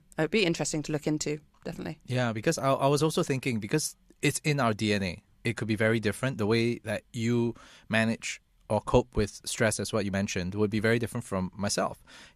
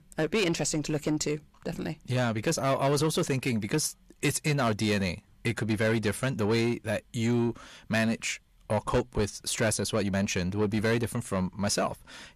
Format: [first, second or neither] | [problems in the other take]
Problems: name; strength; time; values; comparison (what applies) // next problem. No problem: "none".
first | distortion; slight; 10 dB below the speech